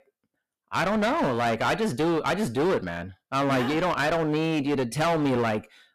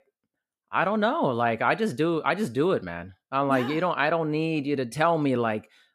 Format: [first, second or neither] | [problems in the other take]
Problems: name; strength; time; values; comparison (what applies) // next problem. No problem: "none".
second | distortion; heavy; 19% of the sound clipped